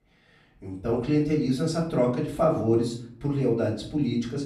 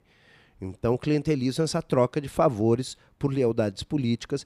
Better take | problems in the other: second | off-mic speech; far // room echo; slight; dies away in 0.5 s

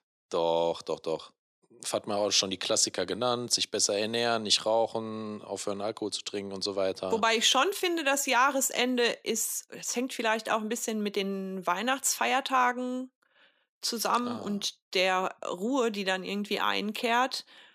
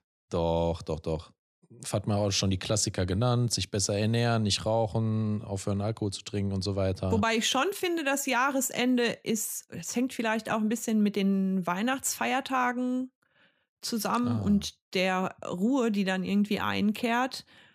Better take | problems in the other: second | thin; somewhat; fading below 400 Hz

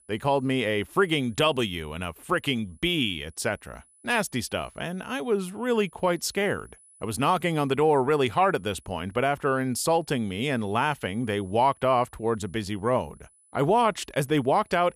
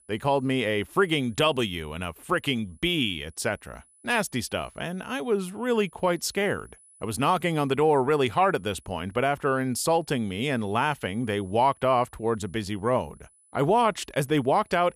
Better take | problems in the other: neither | high-pitched whine; faint; throughout; 10 kHz, 30 dB below the speech; the same in both

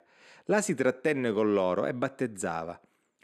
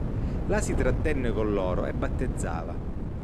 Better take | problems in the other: first | wind noise on the microphone; heavy; 8 dB below the speech

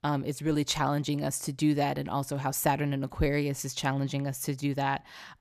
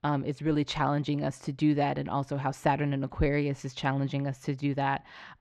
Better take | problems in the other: first | muffled; slightly; fading above 3 kHz

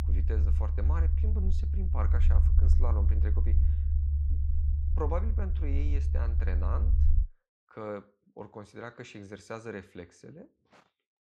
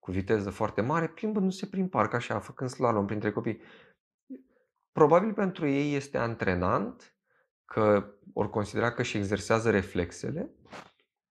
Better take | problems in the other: second | low rumble; loud; until 7 s; 5 dB below the speech

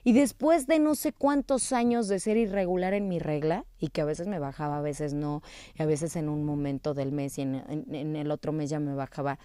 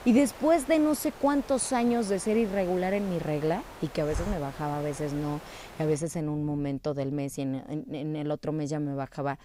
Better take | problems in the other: first | hiss; noticeable; until 6 s; 15 dB below the speech

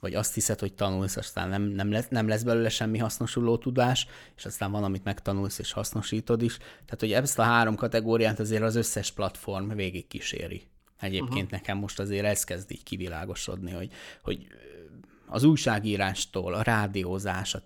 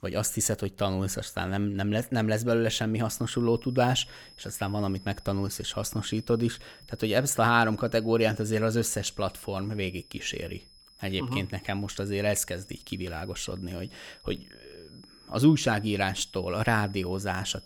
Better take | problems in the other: first | high-pitched whine; faint; from 3 s on; 5 kHz, 25 dB below the speech

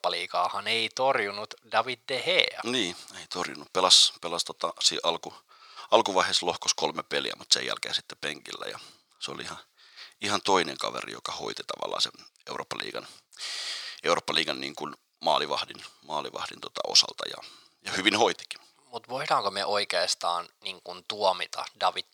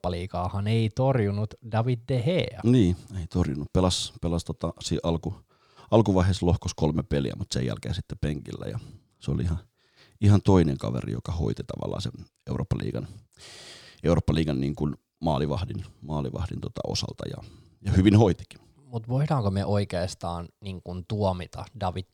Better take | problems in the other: second | thin; very; fading below 800 Hz

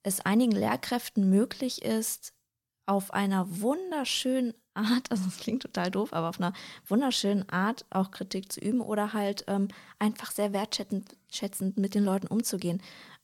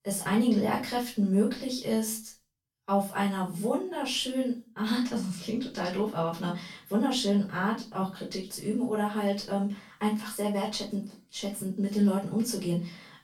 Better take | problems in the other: first | off-mic speech; far // room echo; slight; dies away in 0.3 s

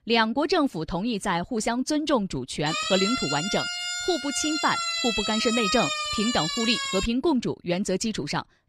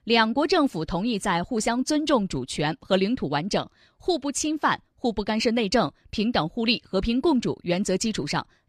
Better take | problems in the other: second | siren; loud; from 2.5 to 7 s; peak 1 dB above the speech

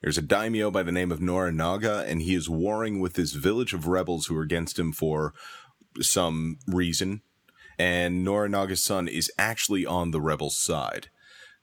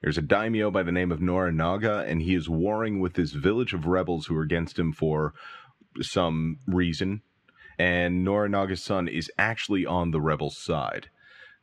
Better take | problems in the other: first | muffled; slightly; fading above 2.5 kHz

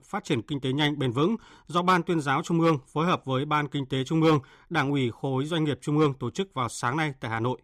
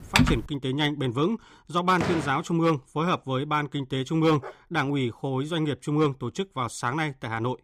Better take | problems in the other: first | keyboard typing; loud; at the start; peak 4 dB above the speech // door banging; noticeable; at 2 s; peak 4 dB below the speech // dog barking; faint; at 4.5 s; peak 15 dB below the speech

